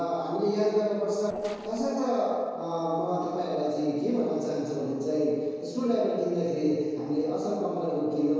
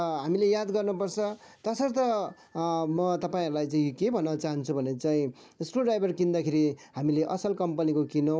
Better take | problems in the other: second | noise reduction (neural separator model SepFormer DNS4)

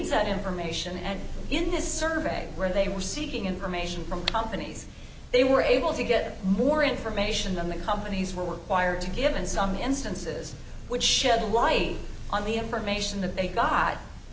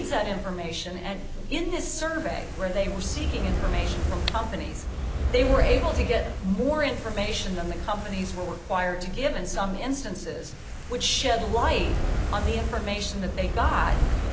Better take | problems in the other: first | background sound (Fire); 2 dB below the speech

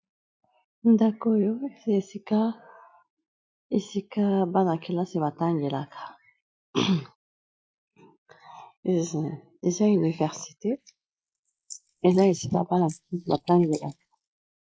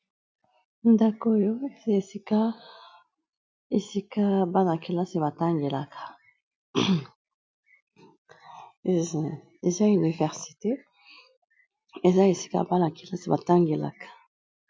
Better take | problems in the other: second | noise reduction (neural mask model Resemble Enhance denoiser)

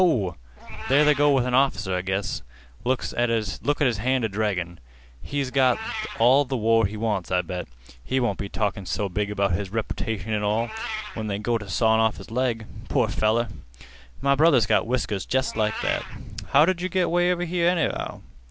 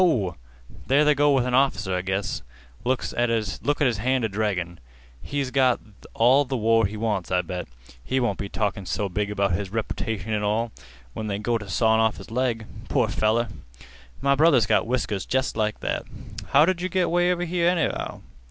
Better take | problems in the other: second | background sound (Meow); 18 dB below the speech

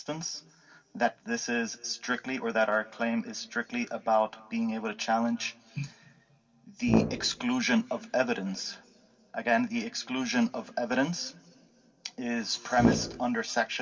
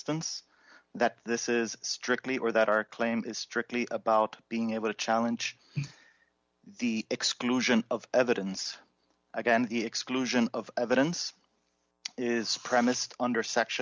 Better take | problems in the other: second | background sound (Brass instrument); 1 dB above the speech // room echo; dies away in 2 s

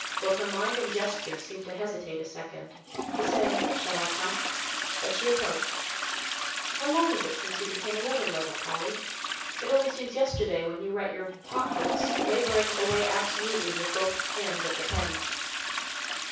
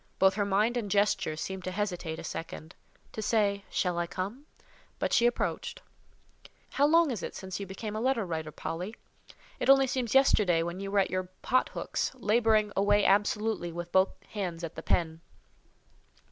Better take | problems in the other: second | background sound (Toilet flush); 1 dB below the speech // room echo; dies away in 0.6 s

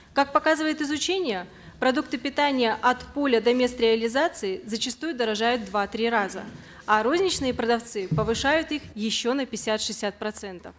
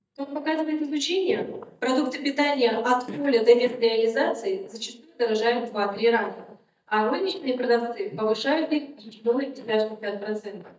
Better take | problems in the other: first | noise reduction (neural mask model DeepFilterNet 3)

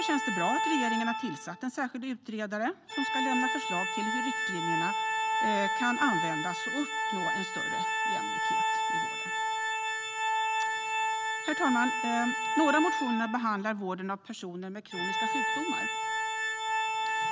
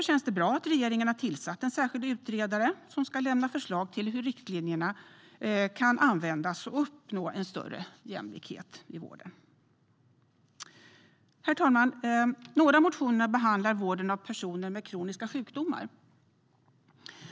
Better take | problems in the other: second | background sound (Organ); 2 dB above the speech

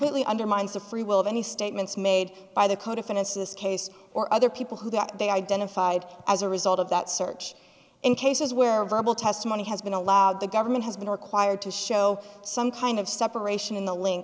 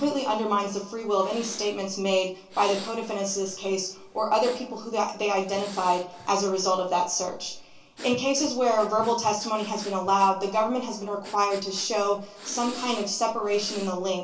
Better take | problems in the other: first | background sound (Breathing); 20 dB below the speech // room echo; dies away in 0.2 s

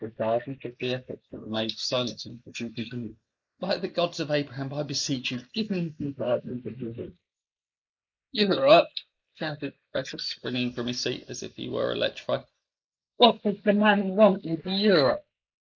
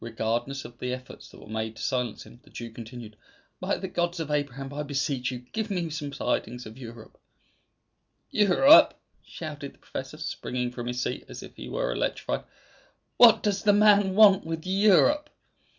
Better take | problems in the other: second | noise reduction (neural mask model Resemble Enhance denoiser)

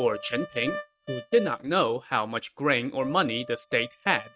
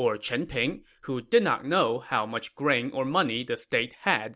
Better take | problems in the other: second | noise reduction (neural mask model RNNoise)

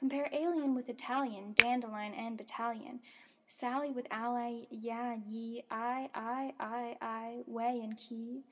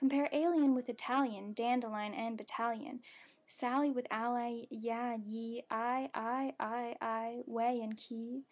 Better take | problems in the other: second | background sound (Finger snapping); as loud as the speech // room echo; dies away in 0.5 s

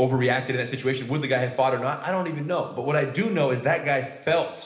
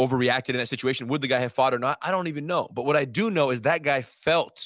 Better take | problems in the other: second | room echo; dies away in 1 s

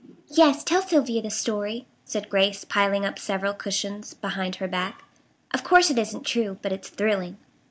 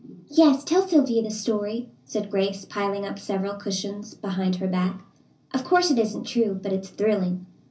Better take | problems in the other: first | room echo; dies away in 0.5 s

